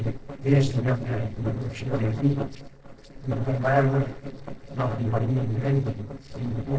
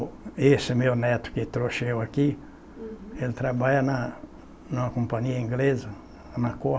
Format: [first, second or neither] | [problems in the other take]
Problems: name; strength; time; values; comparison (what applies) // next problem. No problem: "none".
second | noise reduction (neural separator model SepFormer DNS4)